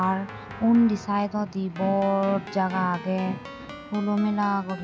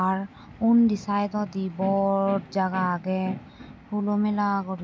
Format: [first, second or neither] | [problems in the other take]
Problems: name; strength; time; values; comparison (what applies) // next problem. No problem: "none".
second | background sound (Keyboard (musical)); 16 dB below the speech